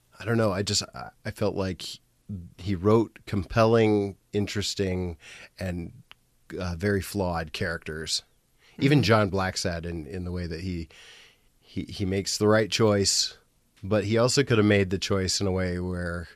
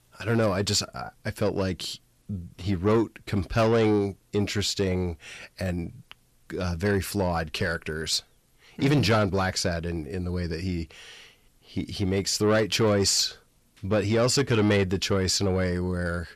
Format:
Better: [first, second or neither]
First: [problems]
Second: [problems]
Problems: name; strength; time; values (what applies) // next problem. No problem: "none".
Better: first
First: none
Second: distortion; slight; 10 dB below the speech